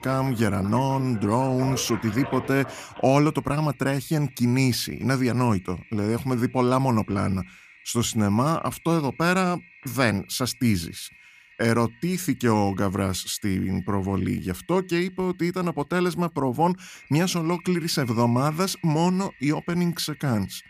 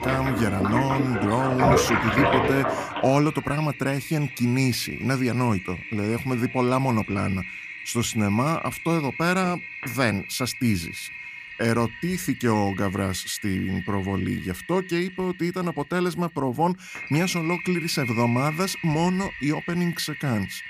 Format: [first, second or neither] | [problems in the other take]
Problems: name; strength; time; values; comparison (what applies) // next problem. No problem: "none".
first | household noises; loud; throughout; 5 dB below the speech; faint in the first